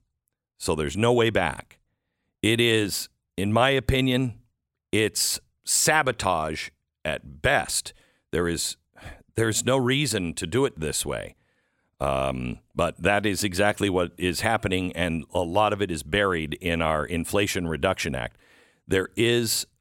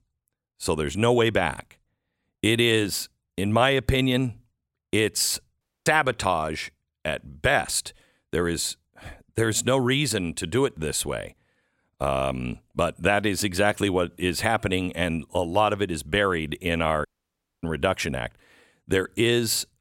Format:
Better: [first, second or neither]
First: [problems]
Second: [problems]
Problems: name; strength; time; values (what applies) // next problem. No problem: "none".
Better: first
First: none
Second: audio cutting out; at 5.5 s and at 17 s for 0.5 s